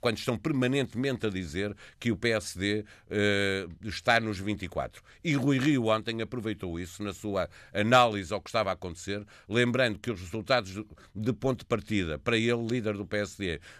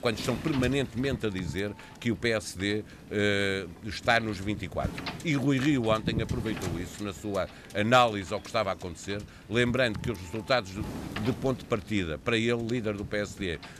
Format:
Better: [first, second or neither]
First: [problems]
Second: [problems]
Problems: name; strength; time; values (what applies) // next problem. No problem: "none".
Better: first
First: none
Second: wind noise on the microphone; occasional gusts; 15 dB below the speech